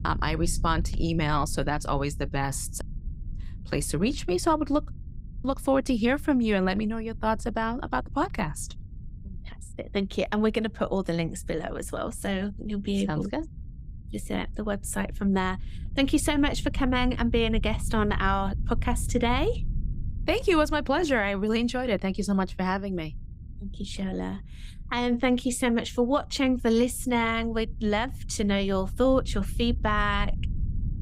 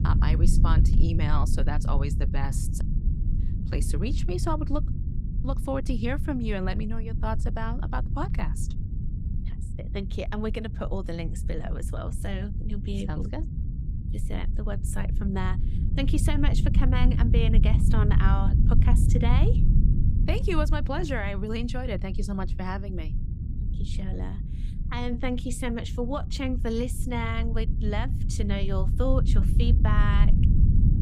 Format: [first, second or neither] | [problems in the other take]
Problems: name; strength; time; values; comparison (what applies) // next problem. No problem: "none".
first | low rumble; loud; throughout; 8 dB below the speech; faint in the first